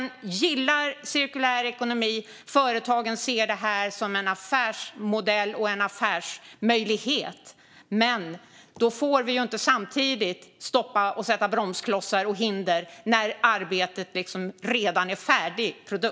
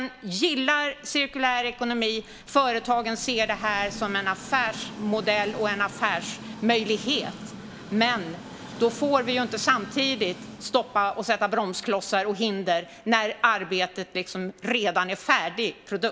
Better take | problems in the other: first | background sound (Train); 16 dB below the speech

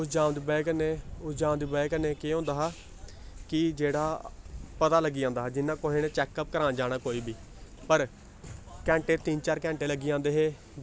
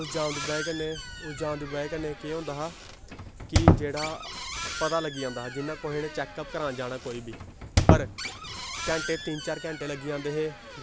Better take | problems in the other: first | background sound (Squeak); 2 dB above the speech

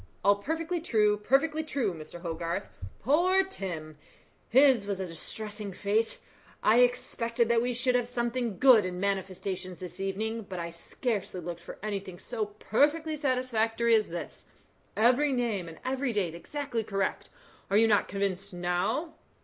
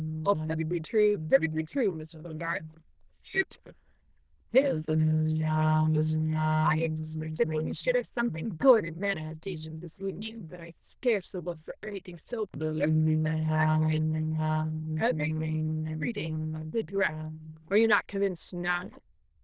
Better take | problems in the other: first | noise reduction (neural diffusion model UNIVERSE++)

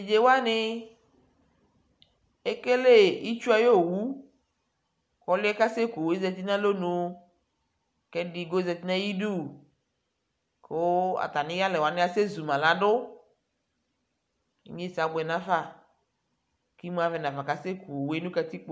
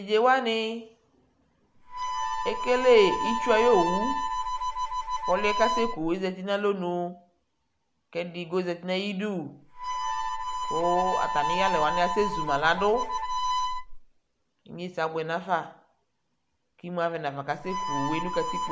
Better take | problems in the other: first | background sound (Harmonica); 3 dB below the speech

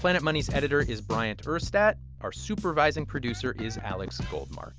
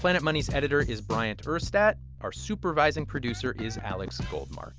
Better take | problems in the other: second | background sound (Snare drum); 20 dB below the speech

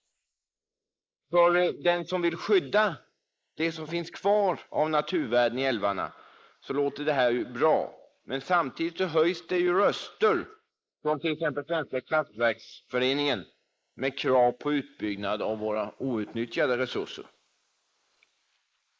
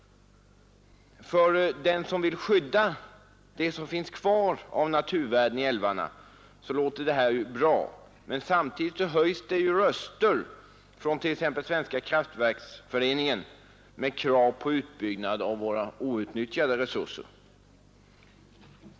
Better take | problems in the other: second | noise reduction (neural mask model Resemble Enhance denoiser)

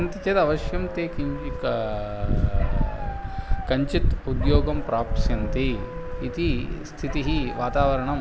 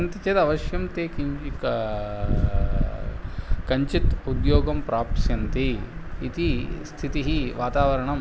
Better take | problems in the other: second | background sound (Dog); 15 dB below the speech

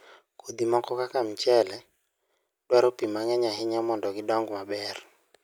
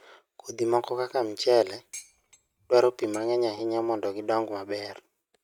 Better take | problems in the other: first | noise reduction (neural mask model RNNoise)

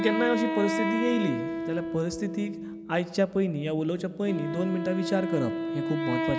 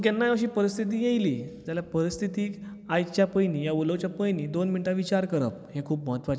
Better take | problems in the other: second | background sound (Wind instrument, woodwind instrument); 3 dB below the speech

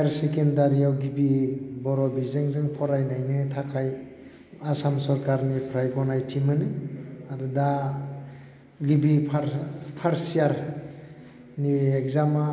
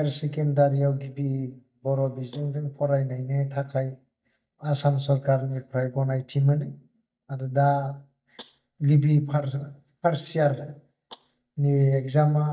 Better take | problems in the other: first | noise reduction (neural mask model DeepFilterNet 3)

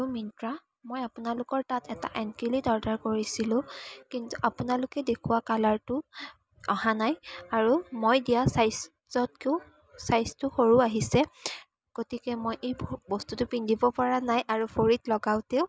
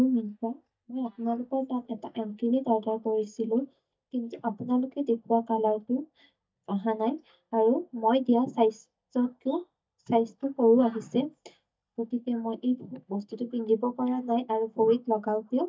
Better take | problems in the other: first | noise reduction (neural mask model DeepFilterNet 3)

